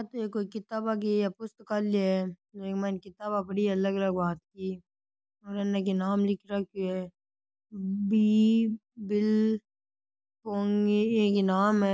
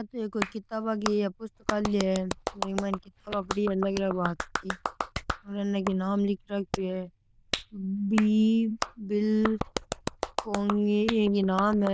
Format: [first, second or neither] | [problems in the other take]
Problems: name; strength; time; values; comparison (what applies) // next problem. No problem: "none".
first | noise reduction (neural diffusion model UNIVERSE++)